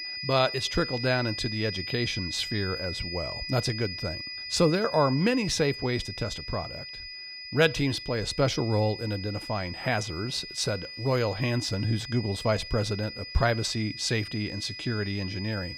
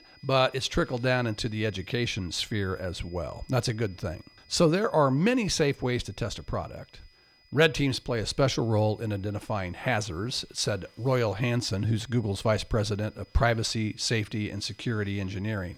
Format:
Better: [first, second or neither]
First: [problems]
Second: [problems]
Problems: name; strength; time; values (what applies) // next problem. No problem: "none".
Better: second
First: high-pitched whine; loud; throughout; 5 kHz, 8 dB below the speech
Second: high-pitched whine; faint; throughout; 5 kHz, 30 dB below the speech